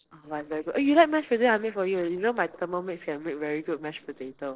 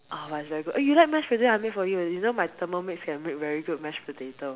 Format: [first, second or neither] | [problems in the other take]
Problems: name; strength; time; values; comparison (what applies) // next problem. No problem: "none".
second | noise reduction (neural separator model SepFormer DNS4)